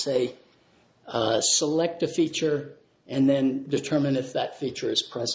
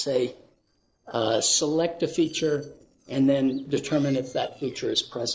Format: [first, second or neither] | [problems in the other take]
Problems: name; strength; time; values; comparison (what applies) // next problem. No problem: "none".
first | noise reduction (neural separator model SepFormer DNS4)